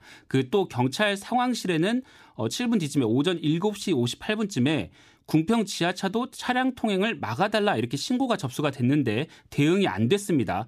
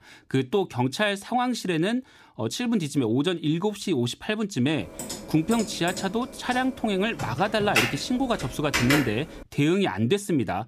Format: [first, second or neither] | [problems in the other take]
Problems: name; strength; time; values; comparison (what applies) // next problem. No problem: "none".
first | keyboard typing; loud; from 5 to 9 s; peak 2 dB above the speech